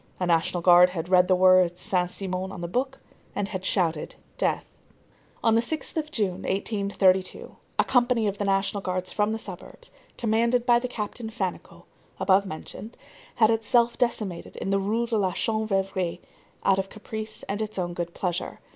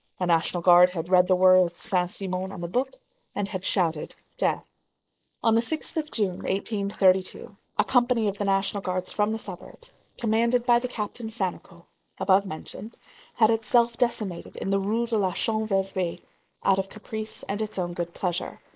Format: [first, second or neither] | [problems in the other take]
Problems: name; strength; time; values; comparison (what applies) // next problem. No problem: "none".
first | noise reduction (neural mask model Resemble Enhance denoiser)